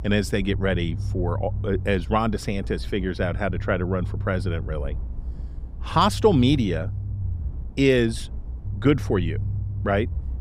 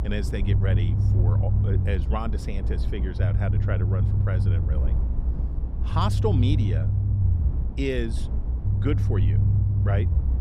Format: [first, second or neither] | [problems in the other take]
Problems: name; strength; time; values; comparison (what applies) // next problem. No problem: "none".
first | low rumble; loud; throughout; 5 dB below the speech; faint in the first